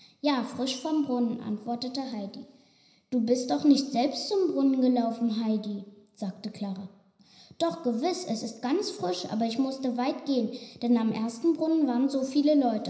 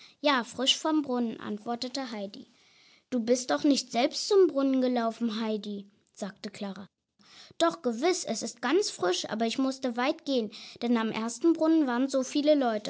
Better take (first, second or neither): second